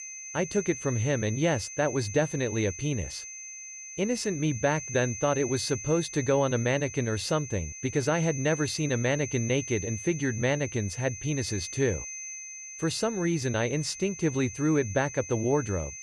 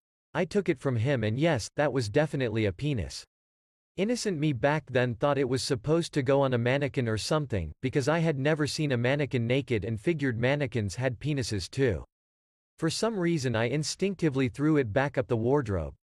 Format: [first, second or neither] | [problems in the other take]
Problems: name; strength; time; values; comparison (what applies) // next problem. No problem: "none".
second | high-pitched whine; loud; throughout; 6 kHz, 9 dB below the speech